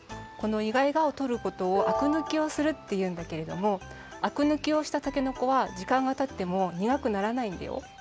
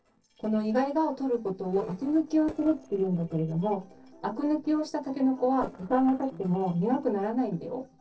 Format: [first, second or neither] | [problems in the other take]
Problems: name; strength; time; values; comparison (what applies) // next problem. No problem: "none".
first | noise reduction (neural separator model SepFormer DNS4)